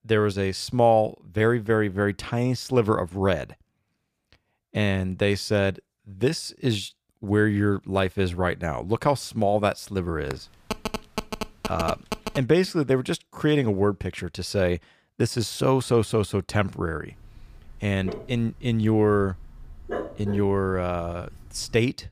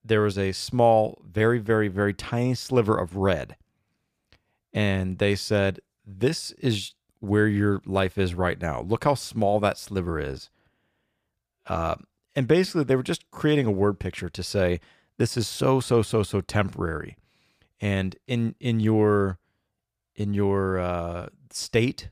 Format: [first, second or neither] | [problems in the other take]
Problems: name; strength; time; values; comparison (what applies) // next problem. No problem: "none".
second | phone ringing; noticeable; from 10 to 12 s; peak 7 dB below the speech // dog barking; noticeable; from 17 s on; peak 8 dB below the speech